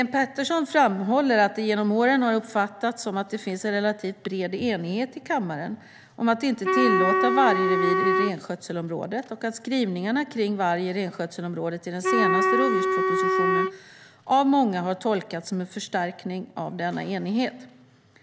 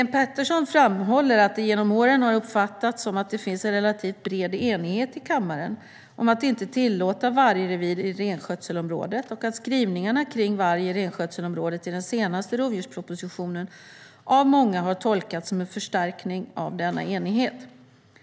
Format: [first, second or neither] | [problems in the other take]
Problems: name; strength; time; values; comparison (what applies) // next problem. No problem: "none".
second | background sound (Wind instrument, woodwind instrument); 1 dB above the speech